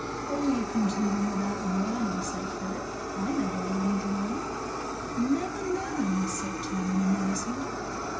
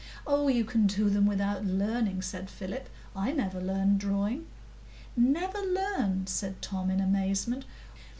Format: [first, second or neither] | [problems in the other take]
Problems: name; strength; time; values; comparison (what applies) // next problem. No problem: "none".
second | background sound (Fire); 3 dB below the speech // room echo; dies away in 0.4 s